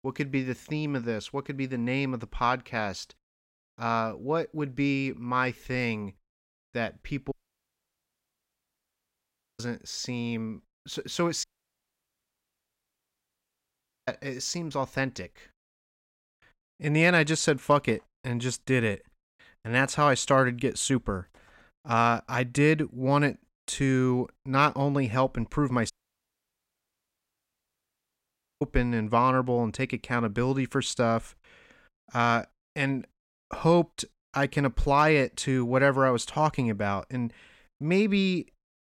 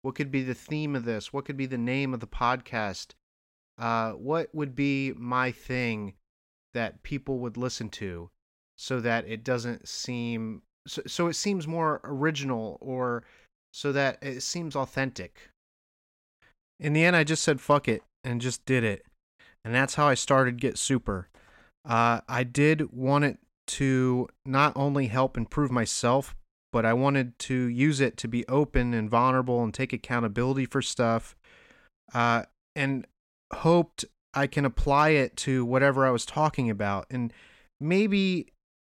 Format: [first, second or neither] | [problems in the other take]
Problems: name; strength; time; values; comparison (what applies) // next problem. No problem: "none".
second | audio cutting out; at 7.5 s for 2.5 s, at 11 s for 2.5 s and at 26 s for 2.5 s